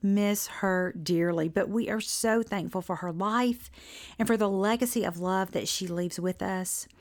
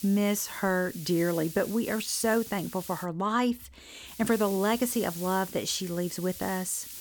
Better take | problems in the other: first | hiss; noticeable; until 3 s and from 4 s on; 10 dB below the speech

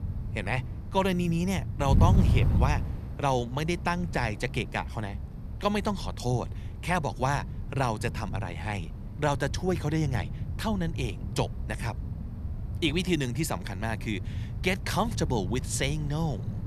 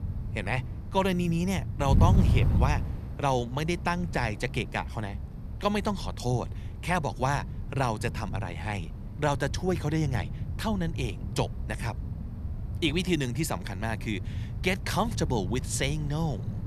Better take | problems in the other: neither | wind noise on the microphone; occasional gusts; 15 dB below the speech; the same in both

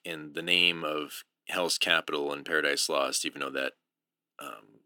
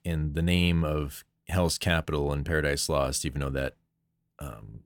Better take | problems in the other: second | thin; somewhat; fading below 300 Hz

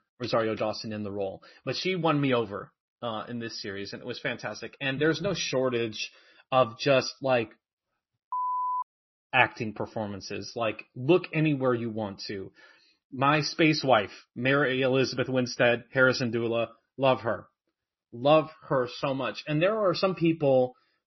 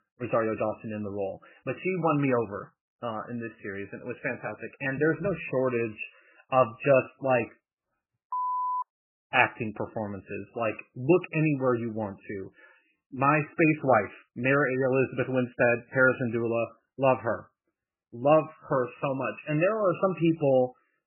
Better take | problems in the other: first | garbled, watery; badly; nothing above 2.5 kHz; slightly in the first

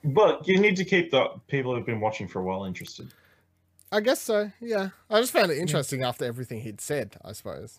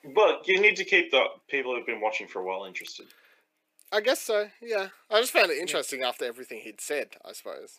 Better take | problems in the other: first | thin; somewhat; fading below 300 Hz

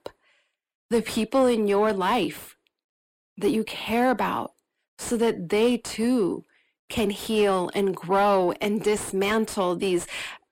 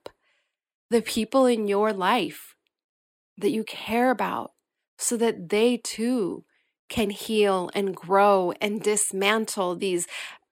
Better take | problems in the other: second | distortion; slight; 10 dB below the speech

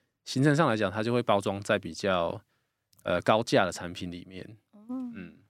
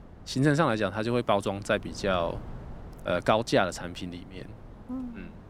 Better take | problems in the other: first | wind noise on the microphone; occasional gusts; 25 dB below the speech

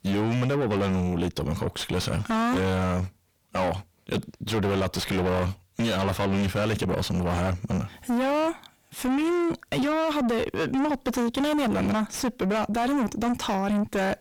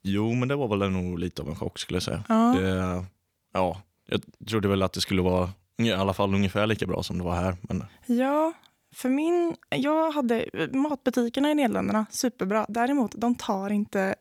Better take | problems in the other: second | distortion; heavy; 5 dB below the speech

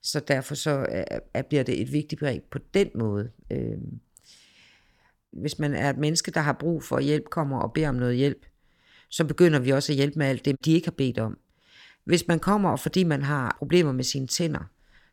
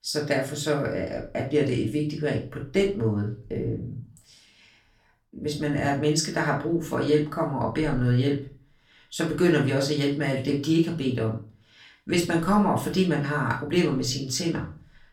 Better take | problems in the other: first | off-mic speech; far // room echo; slight; dies away in 0.3 s

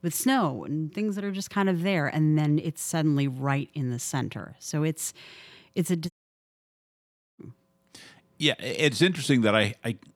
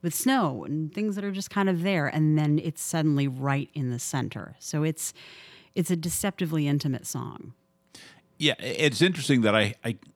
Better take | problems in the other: second | audio cutting out; at 6 s for 1.5 s

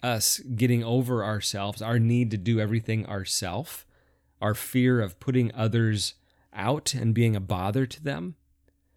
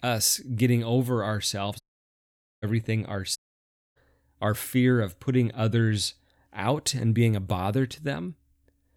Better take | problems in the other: first | audio cutting out; at 2 s for 1 s and at 3.5 s for 0.5 s

